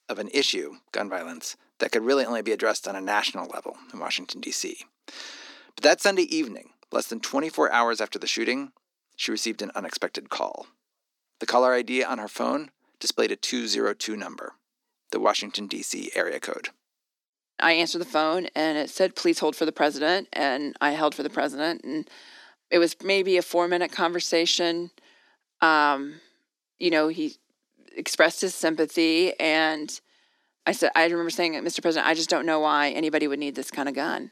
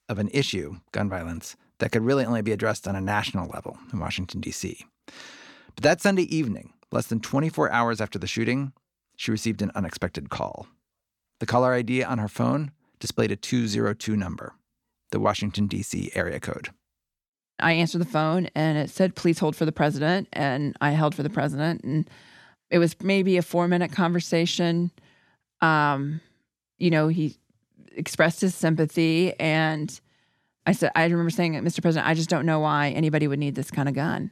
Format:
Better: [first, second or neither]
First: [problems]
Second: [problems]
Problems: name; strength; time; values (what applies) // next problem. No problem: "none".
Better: second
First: thin; somewhat; fading below 300 Hz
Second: none